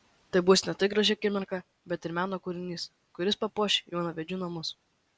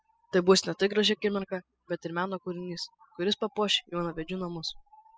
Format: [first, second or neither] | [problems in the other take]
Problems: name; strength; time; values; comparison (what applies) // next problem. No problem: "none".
first | noise reduction (classical method spectral subtraction)